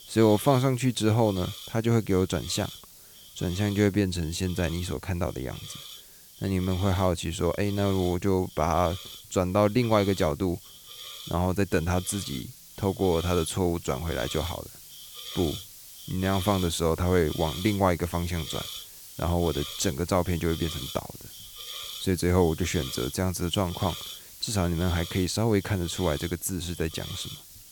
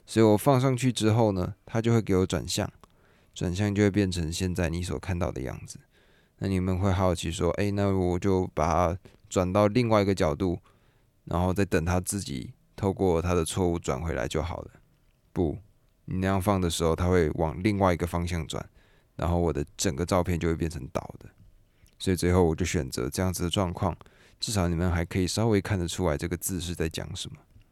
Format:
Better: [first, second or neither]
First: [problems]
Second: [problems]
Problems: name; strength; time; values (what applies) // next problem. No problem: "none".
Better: second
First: hiss; noticeable; throughout; 15 dB below the speech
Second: none